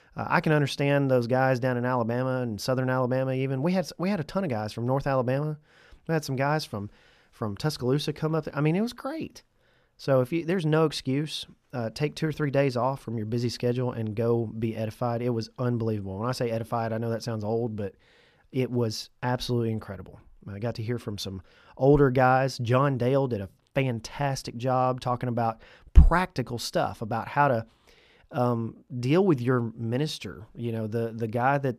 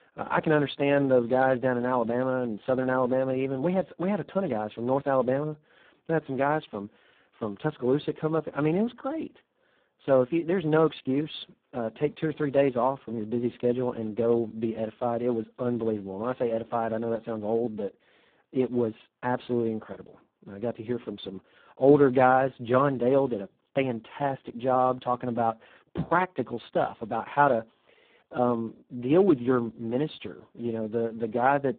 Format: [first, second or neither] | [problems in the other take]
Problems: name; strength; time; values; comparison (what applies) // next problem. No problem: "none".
first | phone-call audio; poor line; nothing above 3.5 kHz